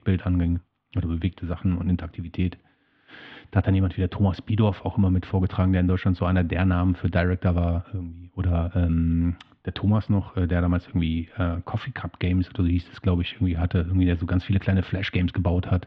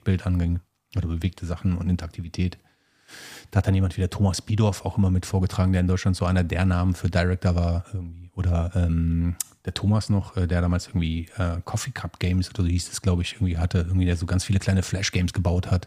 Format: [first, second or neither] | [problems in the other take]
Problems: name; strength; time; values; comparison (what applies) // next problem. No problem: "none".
second | muffled; very; fading above 3.5 kHz